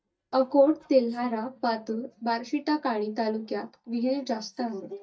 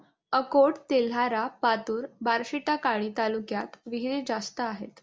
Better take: second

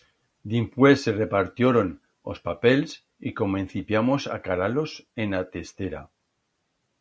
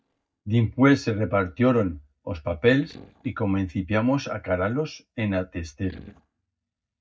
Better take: first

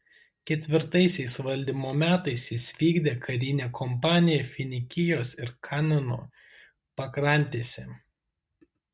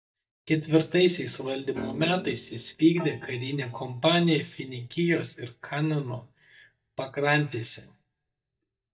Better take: first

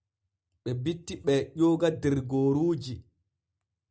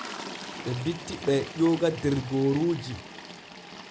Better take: first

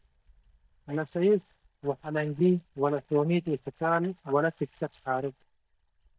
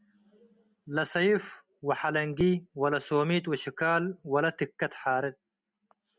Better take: second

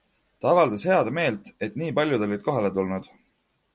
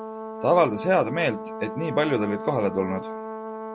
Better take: first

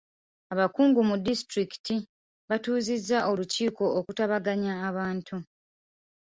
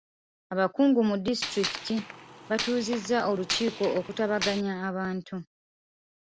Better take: first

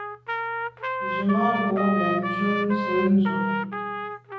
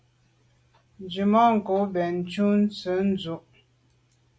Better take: second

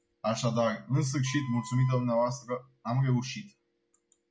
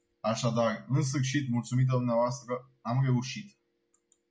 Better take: second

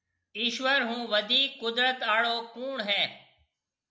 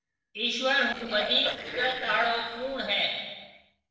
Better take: first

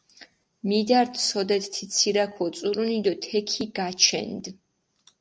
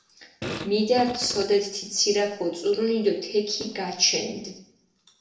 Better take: first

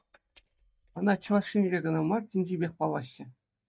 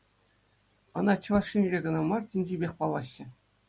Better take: second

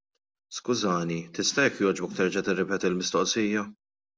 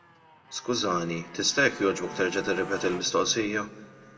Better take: first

